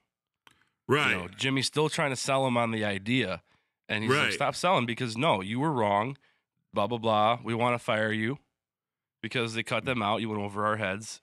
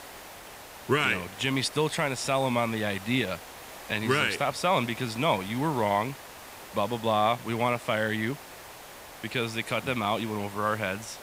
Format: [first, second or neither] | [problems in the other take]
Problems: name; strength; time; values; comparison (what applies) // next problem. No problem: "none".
first | hiss; noticeable; throughout; 15 dB below the speech